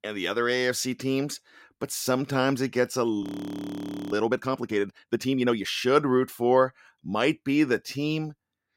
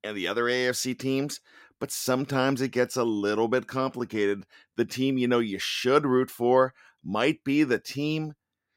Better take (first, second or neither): second